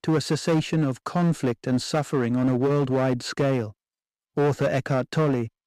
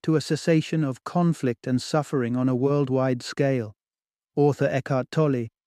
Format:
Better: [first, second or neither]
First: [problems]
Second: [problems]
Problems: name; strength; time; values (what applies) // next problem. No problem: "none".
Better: second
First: distortion; slight; 11% of the sound clipped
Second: none